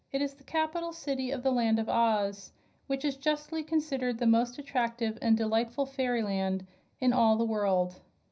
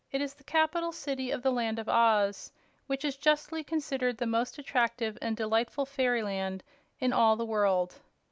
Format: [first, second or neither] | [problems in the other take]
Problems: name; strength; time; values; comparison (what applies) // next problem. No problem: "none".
second | room echo; dies away in 0.5 s